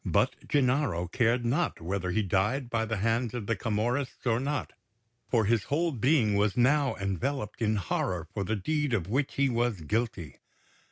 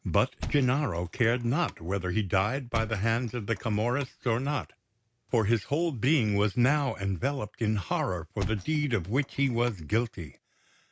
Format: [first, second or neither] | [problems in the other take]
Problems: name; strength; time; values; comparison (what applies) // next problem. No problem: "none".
first | background sound (Thump, thud); 14 dB below the speech